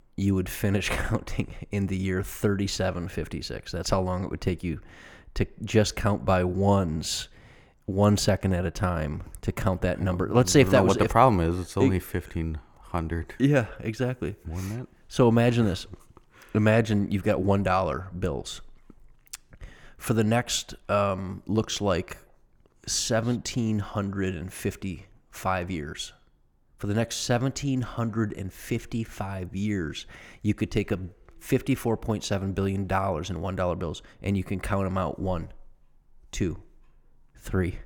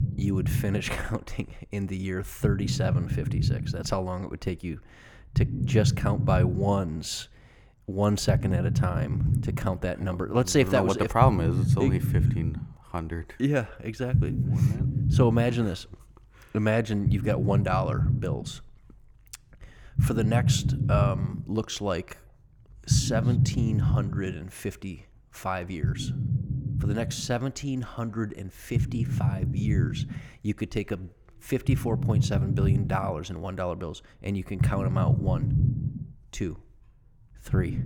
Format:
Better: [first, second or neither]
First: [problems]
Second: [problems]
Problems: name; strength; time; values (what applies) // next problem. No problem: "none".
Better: first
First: none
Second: low rumble; loud; throughout; 7 dB below the speech